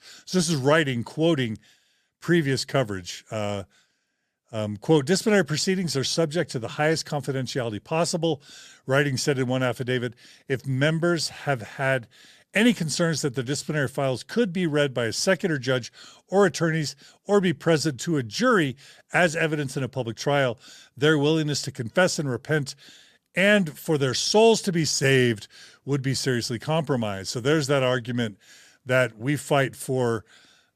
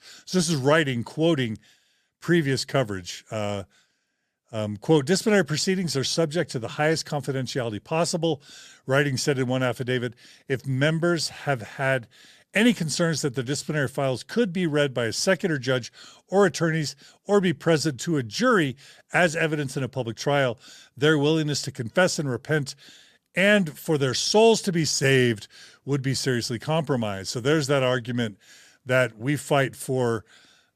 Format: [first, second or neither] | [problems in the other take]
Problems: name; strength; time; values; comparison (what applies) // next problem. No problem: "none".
neither | none